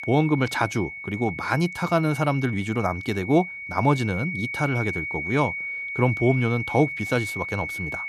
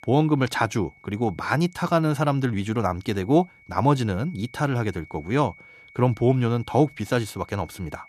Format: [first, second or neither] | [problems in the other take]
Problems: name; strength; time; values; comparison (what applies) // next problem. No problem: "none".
second | high-pitched whine; loud; throughout; 2 kHz, 6 dB below the speech; faint in the second